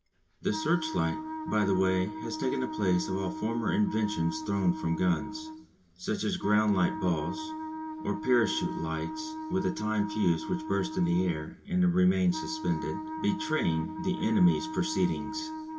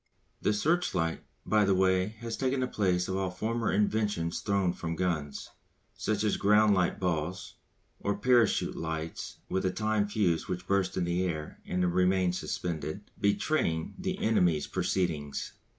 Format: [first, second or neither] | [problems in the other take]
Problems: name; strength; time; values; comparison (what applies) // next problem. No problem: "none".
second | background sound (Wind instrument, woodwind instrument); 8 dB below the speech // room echo; dies away in 1.5 s